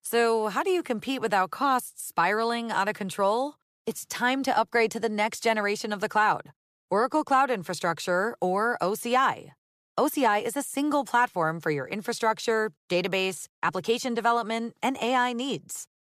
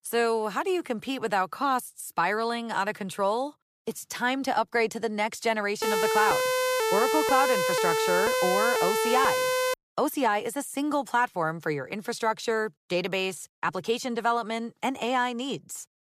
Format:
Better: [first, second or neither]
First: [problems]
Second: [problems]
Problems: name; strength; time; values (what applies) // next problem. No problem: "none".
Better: first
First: none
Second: siren; loud; from 6 to 9.5 s; peak 3 dB above the speech